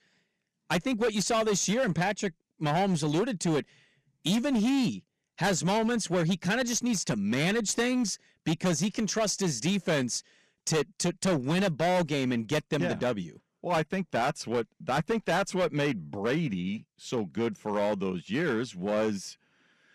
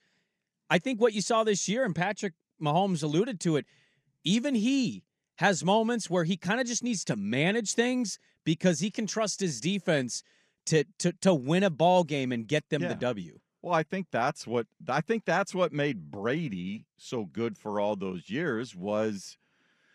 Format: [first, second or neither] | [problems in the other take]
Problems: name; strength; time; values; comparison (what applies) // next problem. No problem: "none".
second | distortion; heavy; 13% of the sound clipped